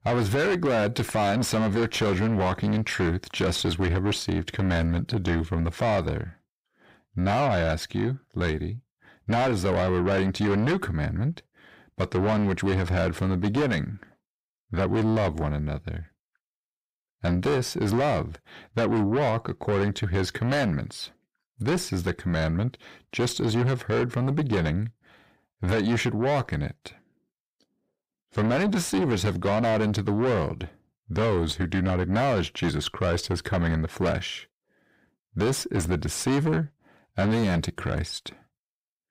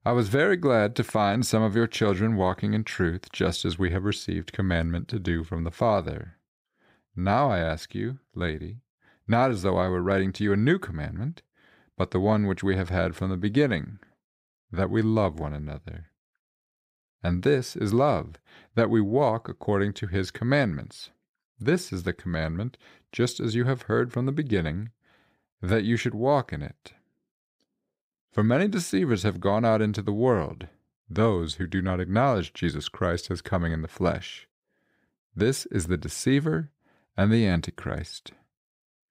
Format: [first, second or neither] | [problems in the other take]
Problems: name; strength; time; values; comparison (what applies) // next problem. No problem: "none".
second | distortion; heavy; 6 dB below the speech